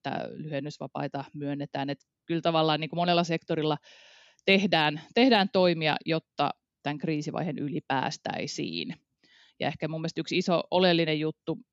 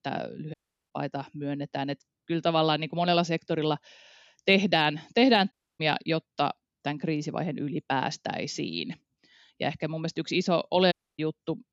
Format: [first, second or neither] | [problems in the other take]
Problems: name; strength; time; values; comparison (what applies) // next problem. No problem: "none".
first | audio cutting out; at 0.5 s, at 5.5 s and at 11 s